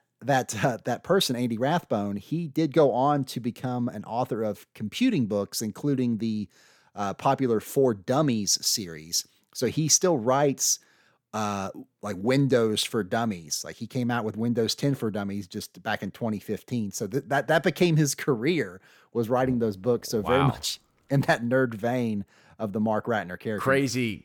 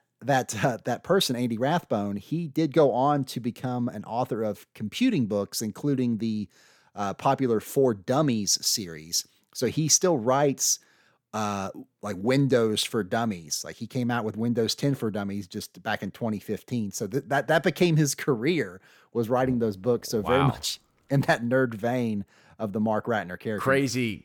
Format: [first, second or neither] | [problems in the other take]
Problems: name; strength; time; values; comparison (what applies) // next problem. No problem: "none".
neither | none